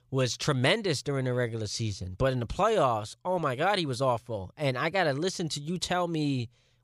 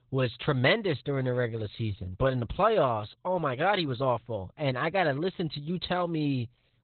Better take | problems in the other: first | garbled, watery; badly; nothing above 4 kHz

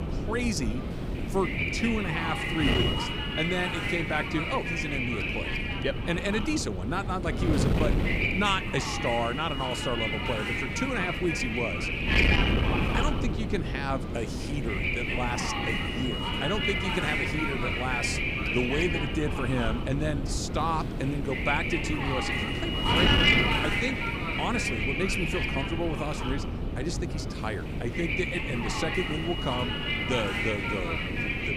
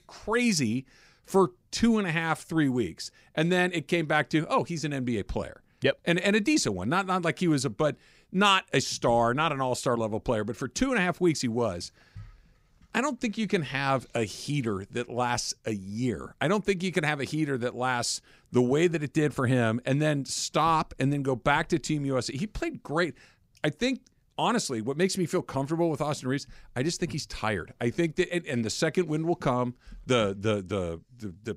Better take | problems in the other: second | wind noise on the microphone; heavy; 4 dB above the speech

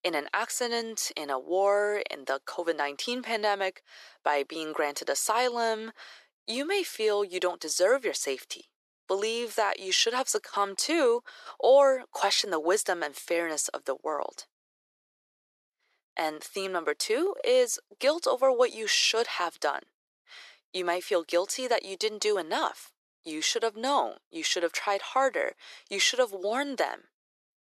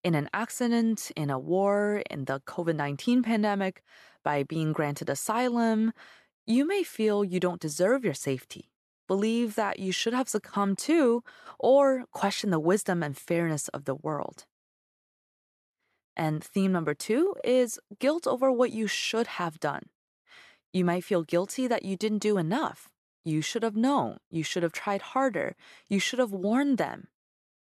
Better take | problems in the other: second | thin; very; fading below 400 Hz

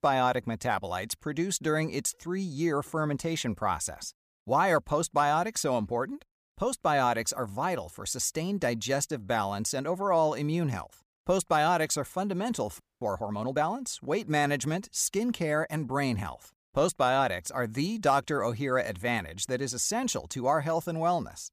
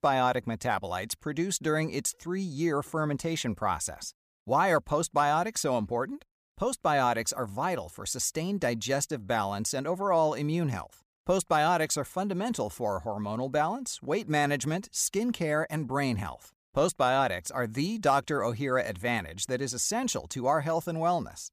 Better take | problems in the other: second | audio freezing; at 13 s

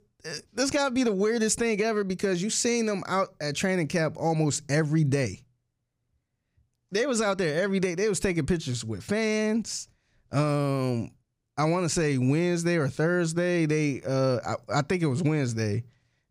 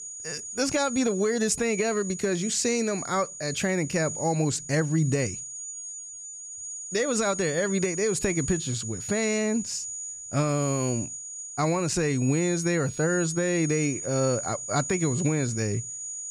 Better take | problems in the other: first | high-pitched whine; loud; throughout; 7 kHz, 7 dB below the speech

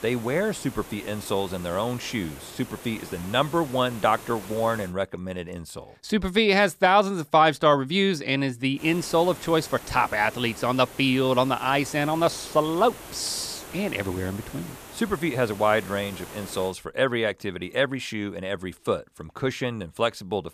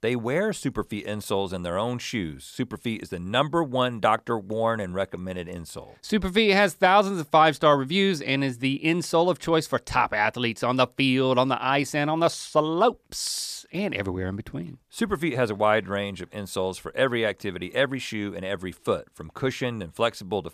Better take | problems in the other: second | hiss; noticeable; until 5 s and from 9 to 17 s; 15 dB below the speech

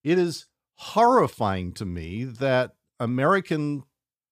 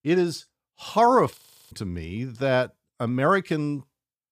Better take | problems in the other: first | audio freezing; at 1.5 s

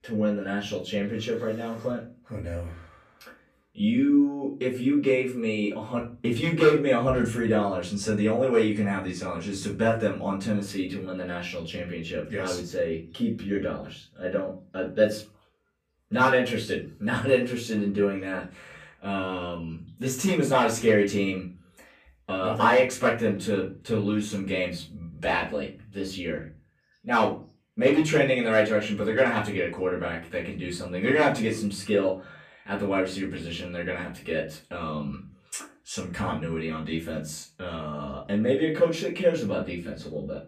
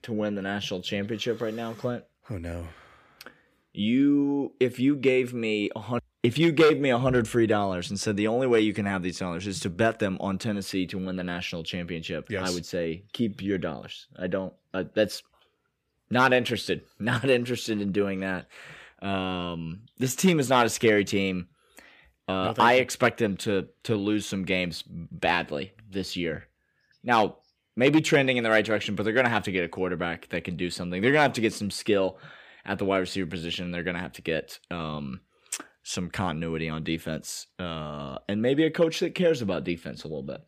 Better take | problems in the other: second | room echo; slight; dies away in 0.3 s // off-mic speech; far

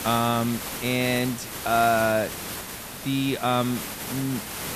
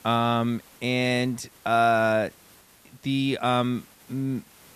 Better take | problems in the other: second | hiss; loud; throughout; 8 dB below the speech; faint in the second

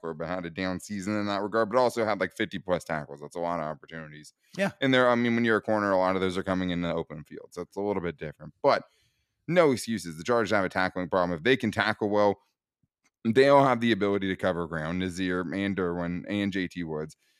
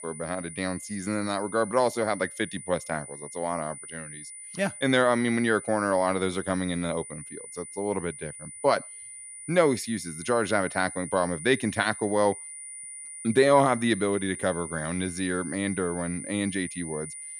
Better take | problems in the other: first | high-pitched whine; noticeable; throughout; 9.5 kHz, 10 dB below the speech

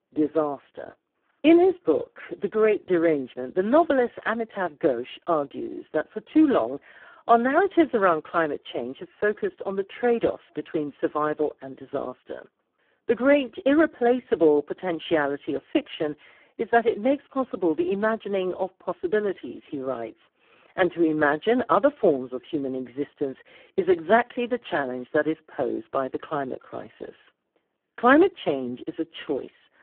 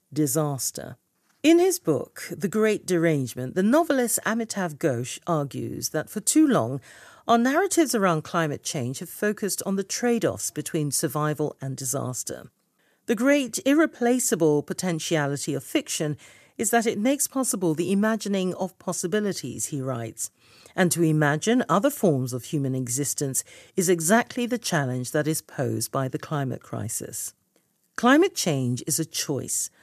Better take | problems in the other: second | phone-call audio; poor line

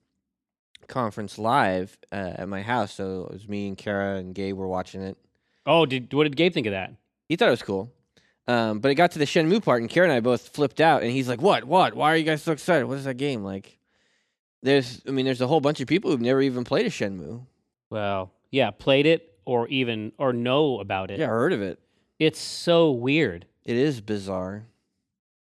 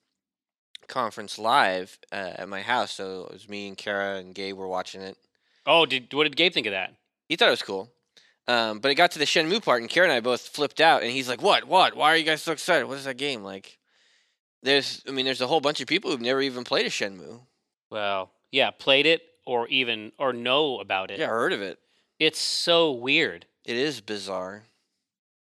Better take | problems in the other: first | thin; somewhat; fading below 850 Hz

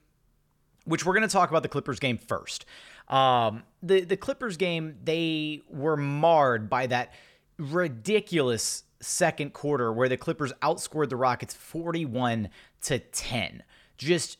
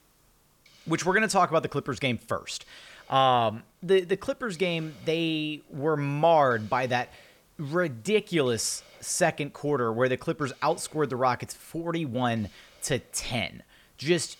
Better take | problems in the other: first | hiss; faint; throughout; 30 dB below the speech

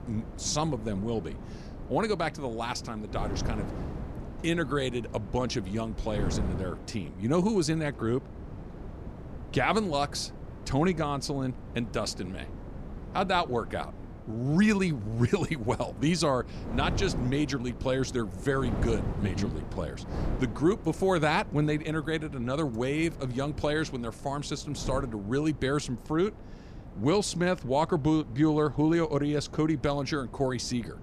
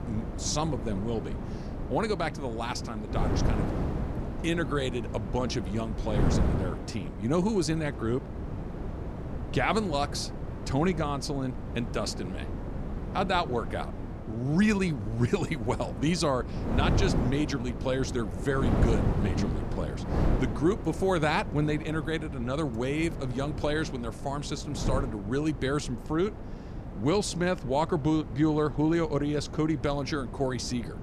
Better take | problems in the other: first | wind noise on the microphone; heavy; 9 dB below the speech; occasional gusts in the first

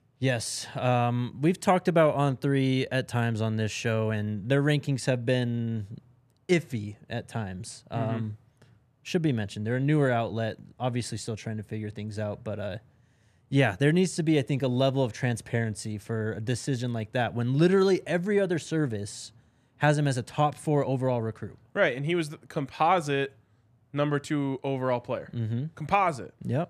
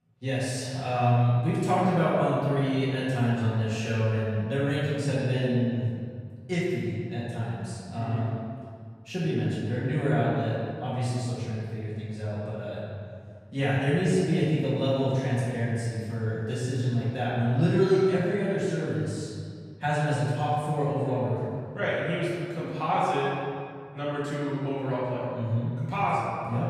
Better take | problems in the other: first | off-mic speech; far // room echo; strong; dies away in 2 s

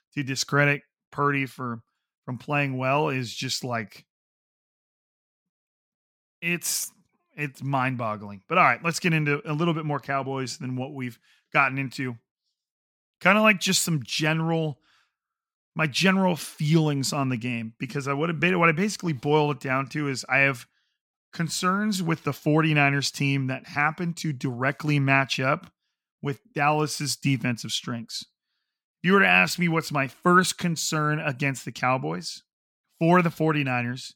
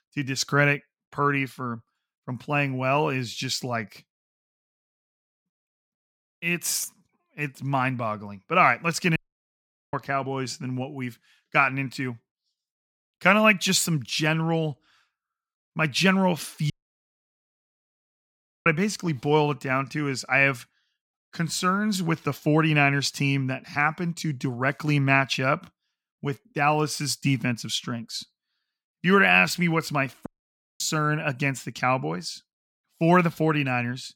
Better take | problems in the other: first | audio cutting out; at 9 s for 1 s, at 17 s for 2 s and at 30 s for 0.5 s

